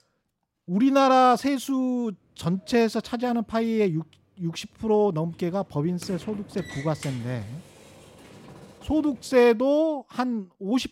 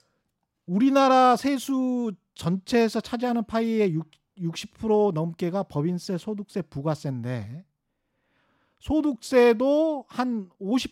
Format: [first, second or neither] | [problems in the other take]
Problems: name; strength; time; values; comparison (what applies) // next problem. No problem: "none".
second | door banging; faint; from 2.5 to 9.5 s; peak 15 dB below the speech